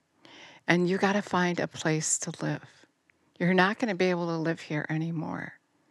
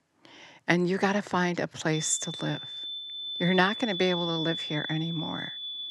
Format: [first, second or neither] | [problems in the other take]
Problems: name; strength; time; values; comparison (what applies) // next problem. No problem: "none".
first | high-pitched whine; loud; from 2 s on; 3.5 kHz, 6 dB below the speech